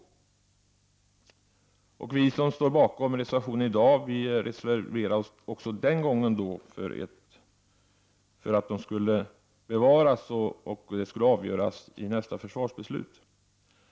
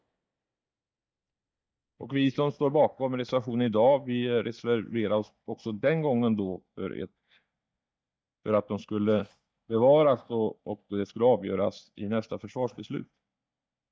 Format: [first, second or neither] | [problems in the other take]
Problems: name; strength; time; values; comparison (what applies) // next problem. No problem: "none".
first | noise reduction (neural mask model DeepFilterNet 3)